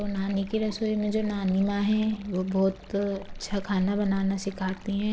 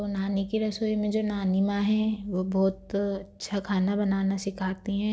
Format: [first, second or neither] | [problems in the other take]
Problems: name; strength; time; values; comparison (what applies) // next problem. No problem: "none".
second | background sound (Stream); 13 dB below the speech